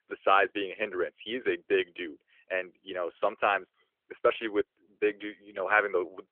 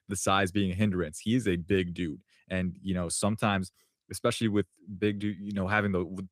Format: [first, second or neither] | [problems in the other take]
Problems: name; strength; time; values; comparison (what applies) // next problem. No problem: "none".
second | phone-call audio; nothing above 3.5 kHz